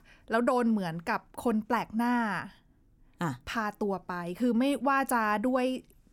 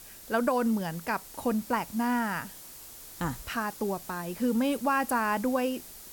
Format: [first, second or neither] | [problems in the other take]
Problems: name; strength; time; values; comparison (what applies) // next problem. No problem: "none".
first | hiss; noticeable; throughout; 15 dB below the speech